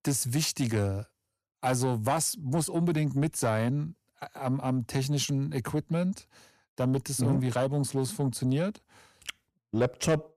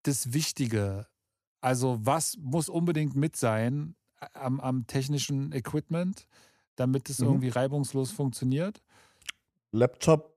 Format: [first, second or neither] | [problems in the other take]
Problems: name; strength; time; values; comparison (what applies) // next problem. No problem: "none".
second | distortion; slight; 10 dB below the speech